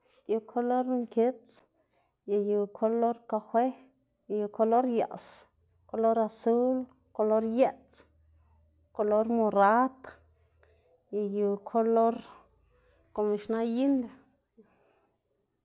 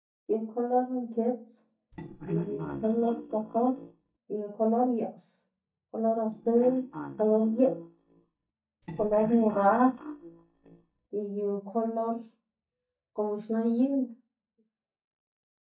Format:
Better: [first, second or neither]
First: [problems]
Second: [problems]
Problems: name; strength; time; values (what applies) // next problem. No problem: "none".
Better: first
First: none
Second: noise reduction (neural mask model DeepFilterNet 3)